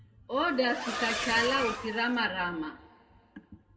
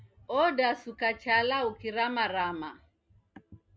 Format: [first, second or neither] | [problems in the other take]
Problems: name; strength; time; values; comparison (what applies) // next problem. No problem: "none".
second | background sound (Accelerating, revving, vroom); 4 dB below the speech // room echo; dies away in 1.7 s